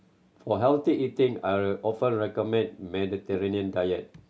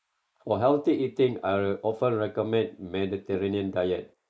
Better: first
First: none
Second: noise reduction (neural mask model Resemble Enhance denoiser)

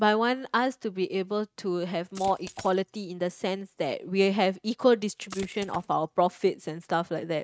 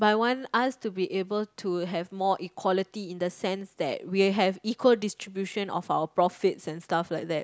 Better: second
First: noise reduction (neural mask model RNNoise)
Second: none

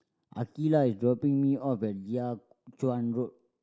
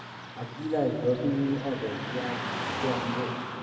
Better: first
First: none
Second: background sound (Car passing by / Traffic noise, roadway noise); 5 dB below the speech // room echo; dies away in 2.6 s

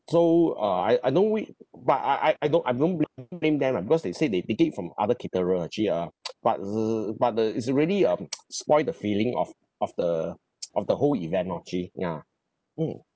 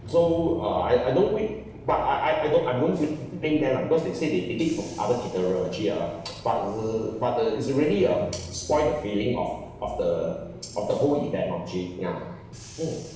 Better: first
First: none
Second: background sound (Bus / Engine); 16 dB below the speech // room echo; dies away in 0.9 s

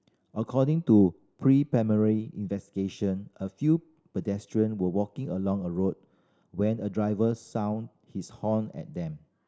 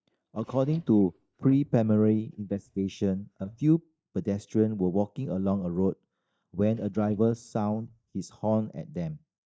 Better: first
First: none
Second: noise reduction (neural mask model DeepFilterNet 3)

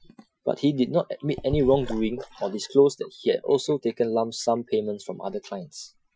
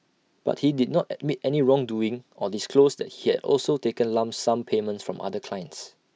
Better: second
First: noise reduction (classical method Wiener filter)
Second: none

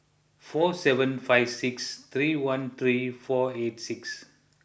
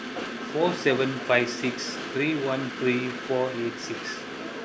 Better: first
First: none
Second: background sound (Train); 7 dB below the speech

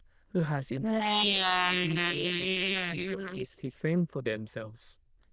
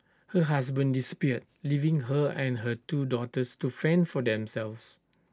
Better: second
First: noise reduction (neural diffusion model UNIVERSE++)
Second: none

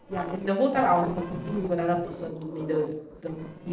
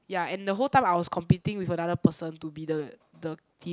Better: second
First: noise reduction (neural separator model SepFormer DNS4)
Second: none

